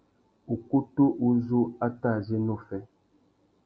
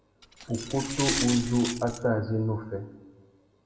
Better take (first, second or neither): first